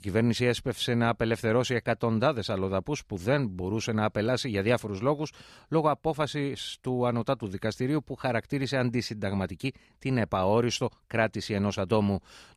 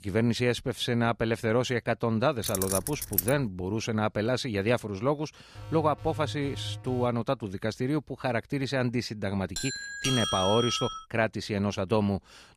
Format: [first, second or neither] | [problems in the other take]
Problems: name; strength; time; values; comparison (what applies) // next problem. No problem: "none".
first | jangling keys; loud; at 2.5 s; peak level with the speech // alarm; noticeable; from 5.5 to 7 s; peak 10 dB below the speech // doorbell; loud; from 9.5 to 11 s; peak 1 dB above the speech